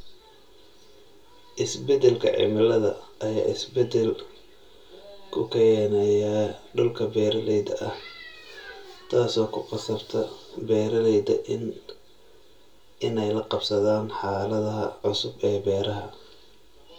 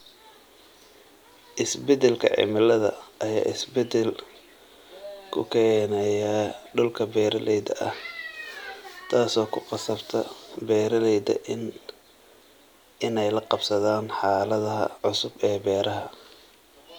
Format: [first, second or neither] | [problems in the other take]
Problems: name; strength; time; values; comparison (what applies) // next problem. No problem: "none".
second | room echo; dies away in 0.2 s